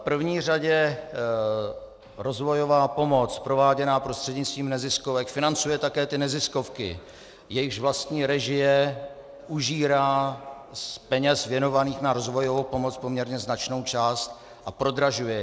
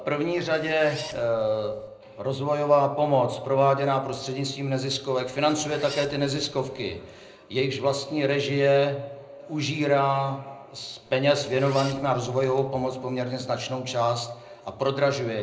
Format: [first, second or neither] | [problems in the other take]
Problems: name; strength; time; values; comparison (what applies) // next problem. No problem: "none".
first | background sound (Zipper (clothing)); 18 dB below the speech // room echo; dies away in 0.4 s